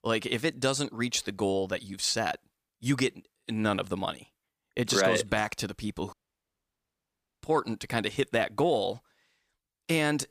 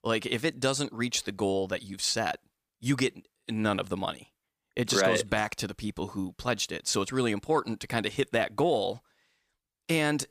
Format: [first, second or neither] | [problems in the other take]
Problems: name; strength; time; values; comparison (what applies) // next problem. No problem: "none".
second | audio cutting out; at 6 s for 1.5 s